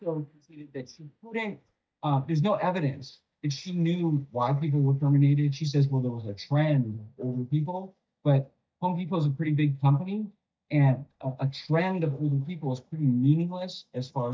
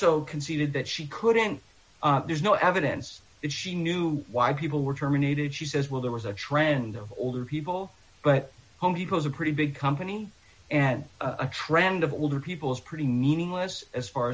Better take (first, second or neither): second